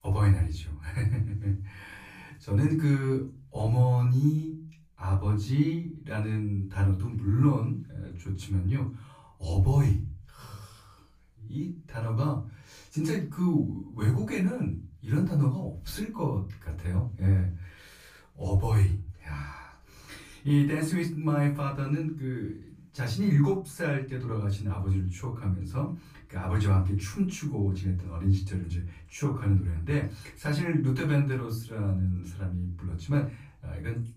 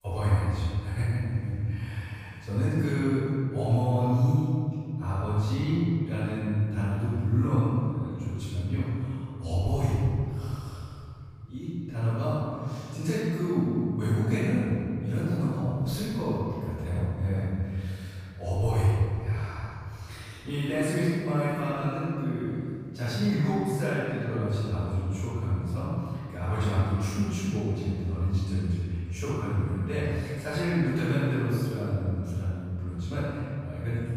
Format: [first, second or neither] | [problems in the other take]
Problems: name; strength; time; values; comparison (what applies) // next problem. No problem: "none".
first | room echo; strong; dies away in 2.3 s; slight in the first // off-mic speech; far; far in the first